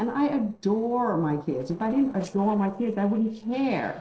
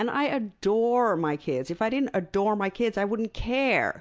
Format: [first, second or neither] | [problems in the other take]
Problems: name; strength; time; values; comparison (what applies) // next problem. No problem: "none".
second | noise reduction (neural separator model SepFormer DNS4)